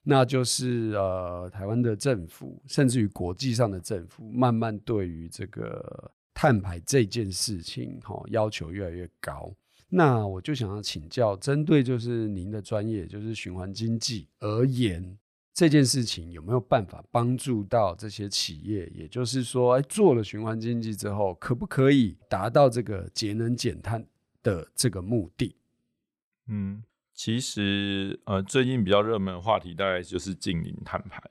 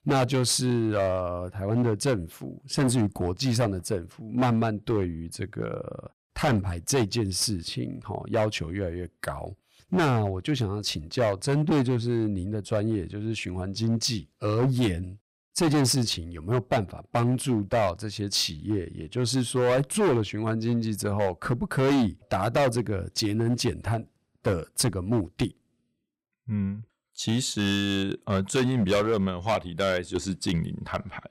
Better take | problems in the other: first | distortion; heavy; 9% of the sound clipped

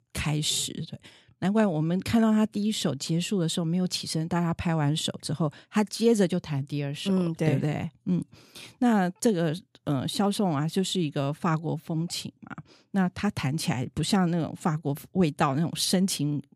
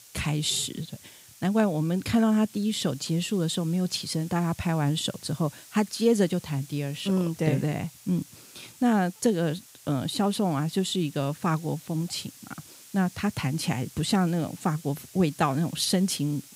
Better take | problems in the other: first | hiss; faint; throughout; 20 dB below the speech

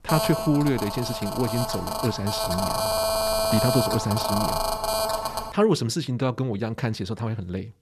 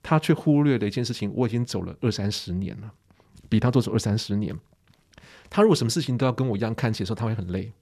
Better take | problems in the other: second | phone ringing; loud; until 5.5 s; peak 3 dB above the speech

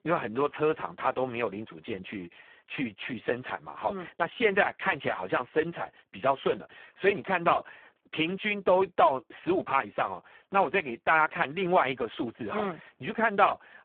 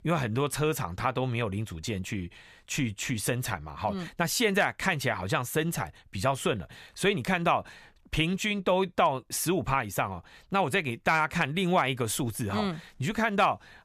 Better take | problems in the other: second | phone-call audio; poor line

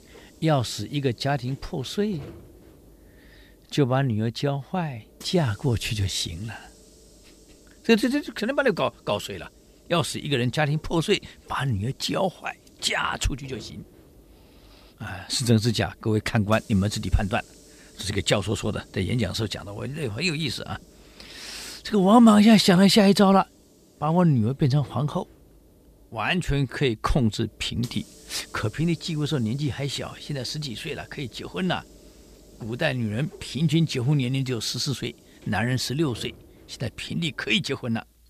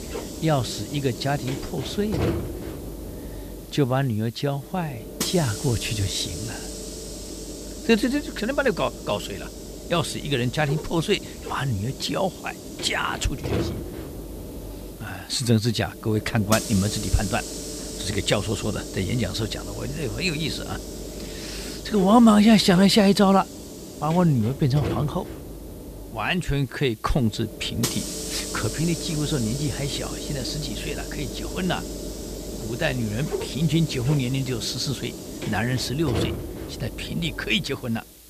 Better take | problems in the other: first | hiss; loud; throughout; 9 dB below the speech; faint in the first

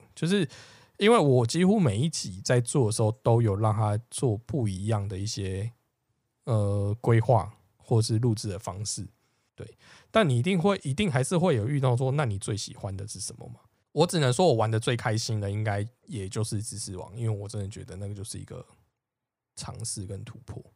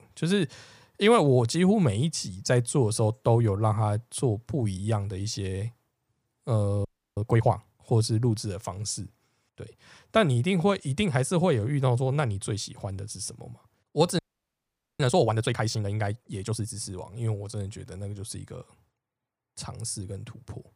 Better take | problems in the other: first | audio freezing; at 7 s and at 14 s for 1 s

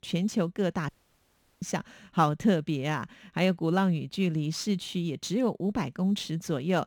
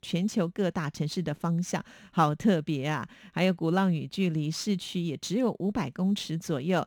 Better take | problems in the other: second | audio cutting out; at 1 s for 0.5 s

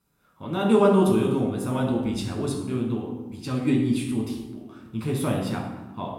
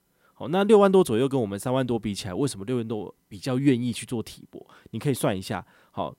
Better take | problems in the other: second | off-mic speech; far // room echo; noticeable; dies away in 0.9 s

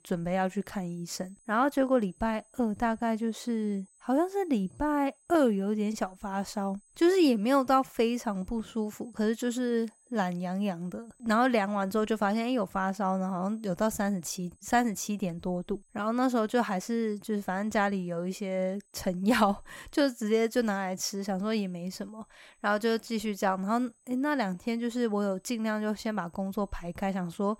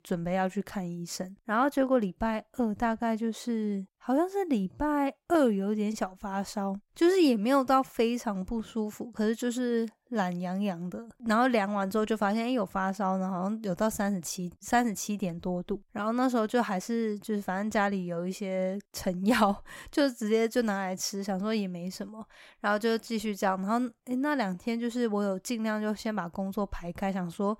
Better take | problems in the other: second | high-pitched whine; faint; throughout; 8 kHz, 35 dB below the speech

